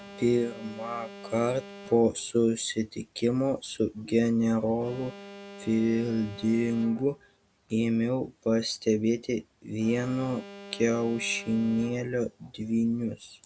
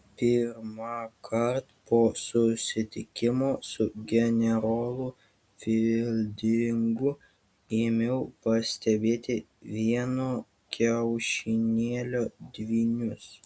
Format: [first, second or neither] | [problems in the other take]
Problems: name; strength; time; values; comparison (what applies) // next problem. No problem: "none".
second | background sound (Alarm); 19 dB below the speech